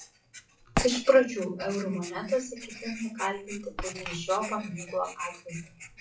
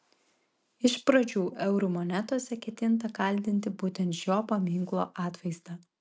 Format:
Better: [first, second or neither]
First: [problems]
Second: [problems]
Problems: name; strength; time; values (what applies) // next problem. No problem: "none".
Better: second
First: noise reduction (classical method WPE with log-MMSE)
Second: none